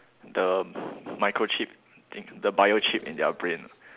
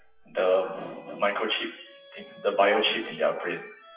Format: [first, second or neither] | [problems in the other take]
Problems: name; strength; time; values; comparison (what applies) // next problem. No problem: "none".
first | noise reduction (classical method WPE with log-MMSE)